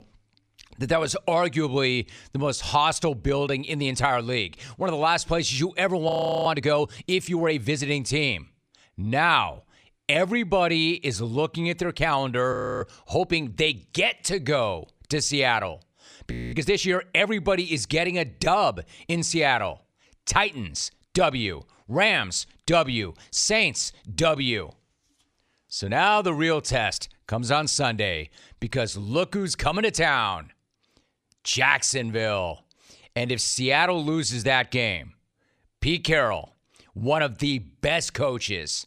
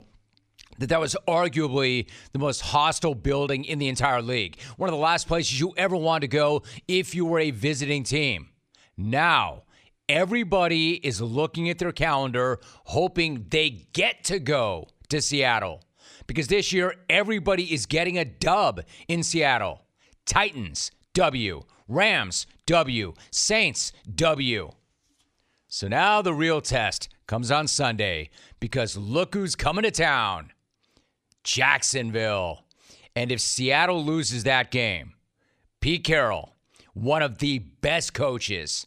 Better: second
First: audio freezing; at 6 s, at 13 s and at 16 s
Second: none

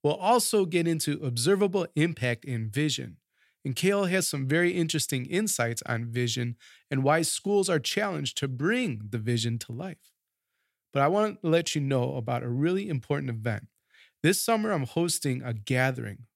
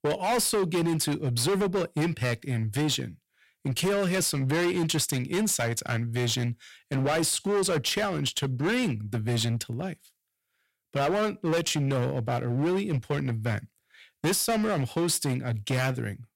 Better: first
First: none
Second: distortion; heavy; 16% of the sound clipped

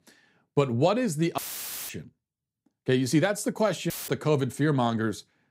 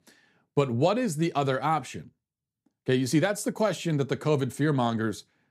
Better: second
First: audio cutting out; filled with static; at 1.5 s for 0.5 s and at 4 s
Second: none

